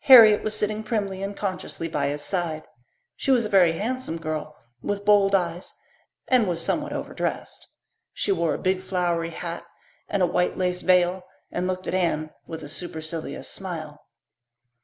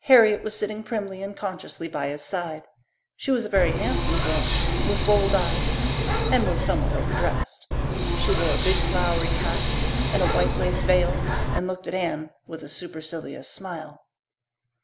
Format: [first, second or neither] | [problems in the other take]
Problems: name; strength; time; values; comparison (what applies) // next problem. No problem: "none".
first | background sound (Hiss); 4 dB above the speech